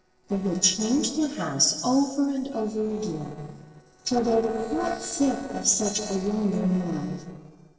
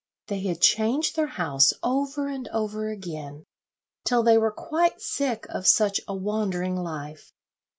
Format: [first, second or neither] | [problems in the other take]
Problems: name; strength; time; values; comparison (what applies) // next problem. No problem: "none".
second | noise reduction (neural separator model SepFormer DNS4)